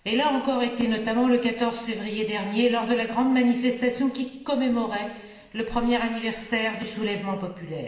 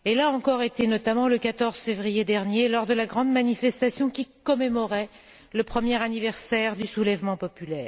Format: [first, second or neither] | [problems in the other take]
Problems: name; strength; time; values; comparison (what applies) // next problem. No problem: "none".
second | room echo; dies away in 1 s